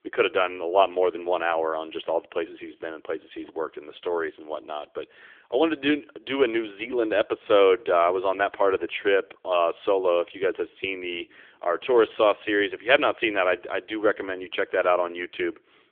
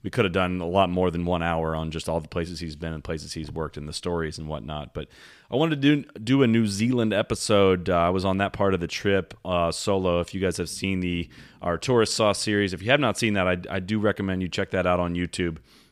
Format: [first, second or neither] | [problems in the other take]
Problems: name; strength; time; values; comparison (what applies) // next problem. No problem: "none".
second | phone-call audio; nothing above 3.5 kHz